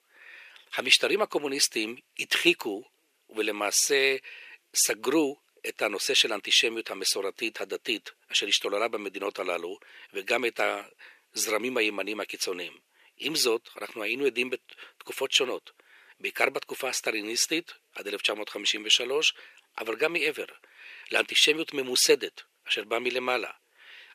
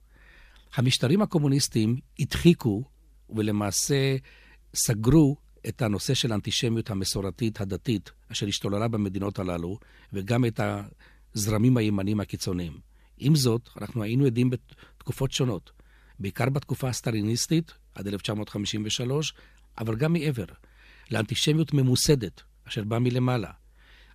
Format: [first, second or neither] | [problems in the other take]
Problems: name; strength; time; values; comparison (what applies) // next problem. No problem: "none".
second | thin; very; fading below 400 Hz